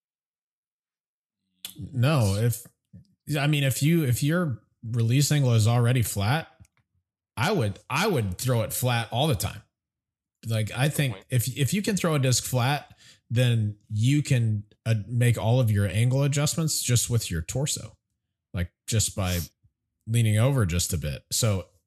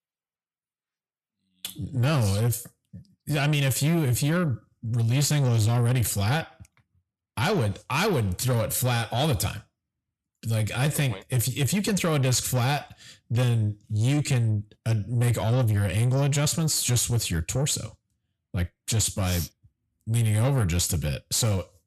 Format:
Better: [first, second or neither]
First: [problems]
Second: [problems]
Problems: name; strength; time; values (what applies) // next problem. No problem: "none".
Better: first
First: none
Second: distortion; slight; 10 dB below the speech